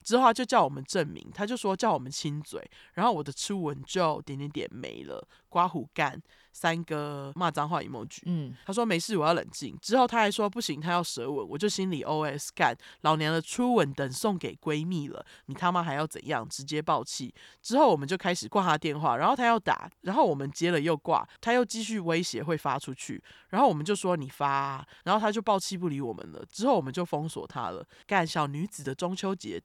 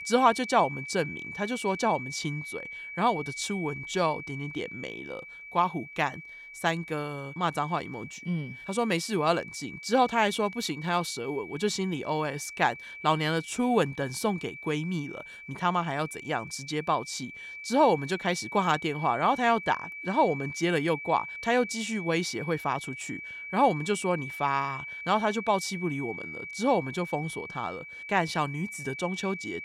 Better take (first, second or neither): first